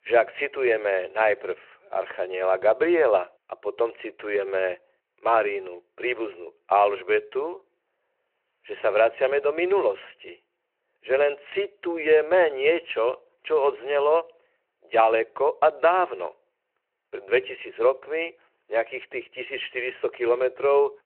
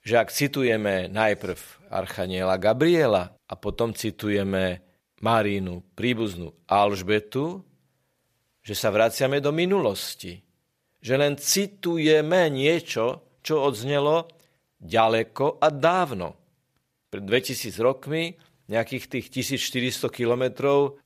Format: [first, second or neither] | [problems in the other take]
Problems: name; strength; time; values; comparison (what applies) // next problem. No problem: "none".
second | phone-call audio